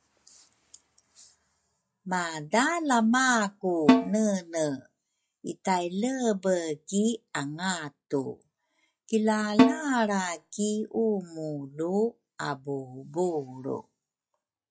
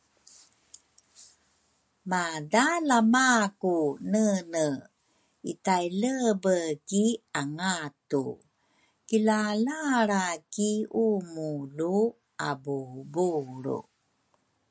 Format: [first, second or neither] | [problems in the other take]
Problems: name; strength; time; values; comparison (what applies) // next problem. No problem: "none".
second | noise reduction (classical method log-MMSE)